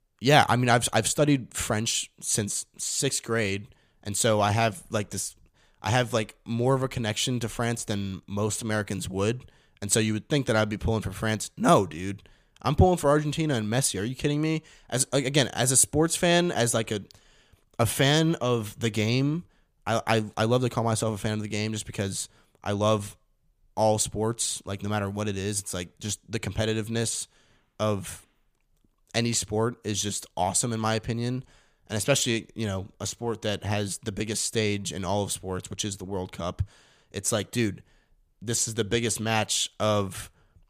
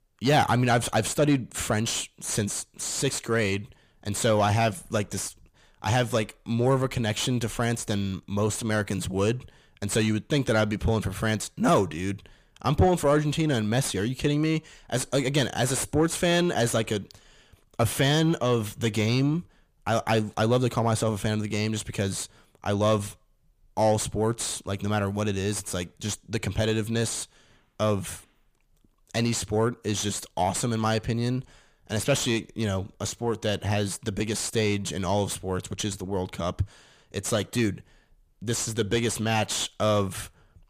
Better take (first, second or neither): first